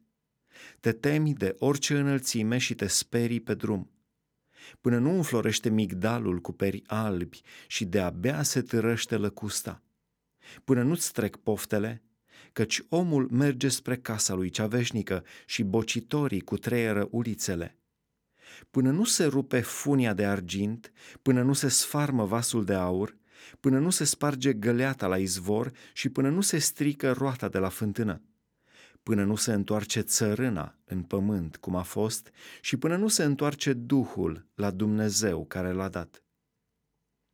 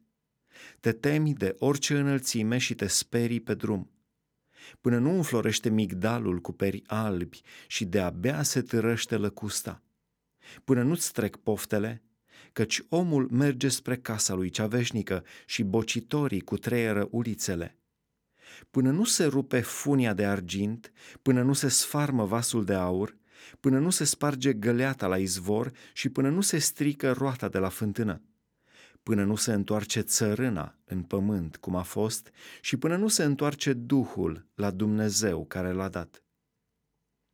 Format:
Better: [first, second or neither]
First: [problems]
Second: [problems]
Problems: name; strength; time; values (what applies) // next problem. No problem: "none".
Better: neither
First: none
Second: none